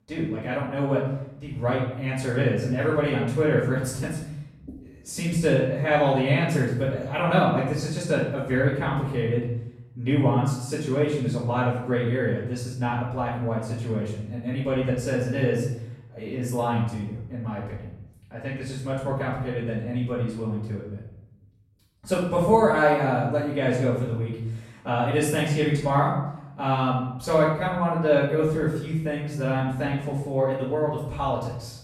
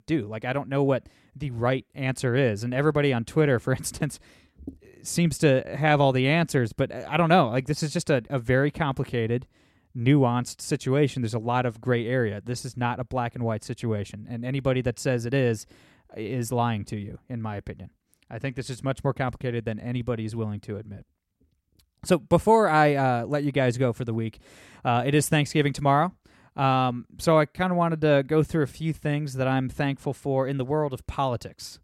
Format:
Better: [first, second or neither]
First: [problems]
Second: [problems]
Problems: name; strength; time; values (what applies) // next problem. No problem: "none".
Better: second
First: off-mic speech; far // room echo; noticeable; dies away in 0.8 s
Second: none